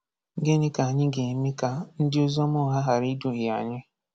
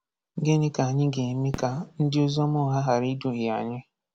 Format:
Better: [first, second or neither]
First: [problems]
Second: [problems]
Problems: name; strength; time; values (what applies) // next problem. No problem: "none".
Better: first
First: none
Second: background sound (Fireworks); 19 dB below the speech